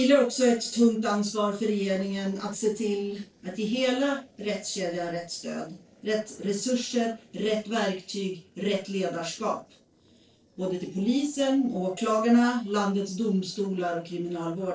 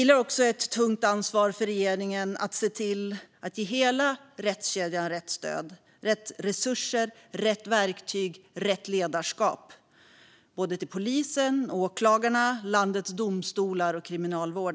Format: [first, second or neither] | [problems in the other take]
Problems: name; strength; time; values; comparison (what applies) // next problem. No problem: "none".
second | noise reduction (neural separator model SepFormer DNS4)